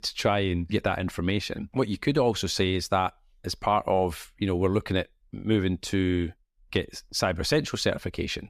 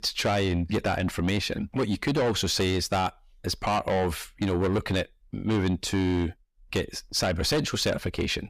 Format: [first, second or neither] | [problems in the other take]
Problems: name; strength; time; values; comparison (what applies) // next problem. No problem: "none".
first | distortion; heavy; 7 dB below the speech